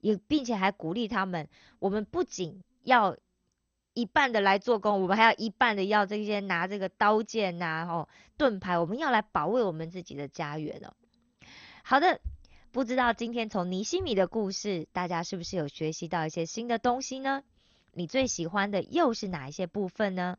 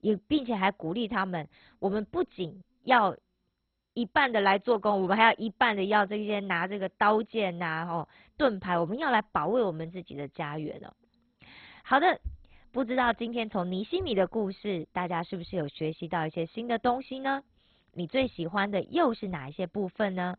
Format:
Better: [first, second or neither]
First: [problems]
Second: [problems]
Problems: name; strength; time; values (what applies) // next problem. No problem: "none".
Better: first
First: garbled, watery; slightly; nothing above 6.5 kHz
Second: garbled, watery; badly; nothing above 4 kHz